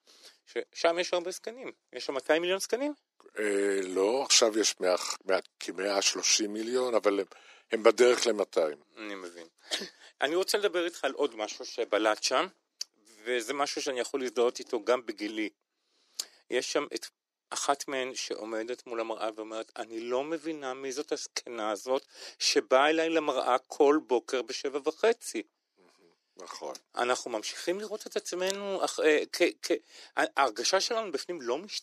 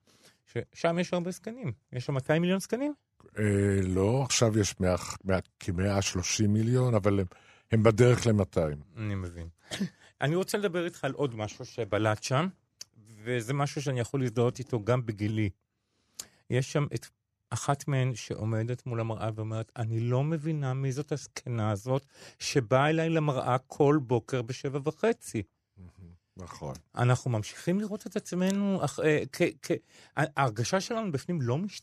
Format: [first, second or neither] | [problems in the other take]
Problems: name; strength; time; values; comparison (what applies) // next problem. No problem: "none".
second | thin; very; fading below 300 Hz